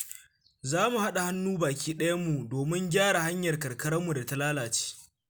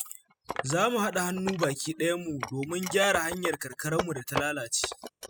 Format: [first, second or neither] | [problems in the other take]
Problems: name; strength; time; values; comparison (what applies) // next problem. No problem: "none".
first | noise reduction (classical method spectral subtraction)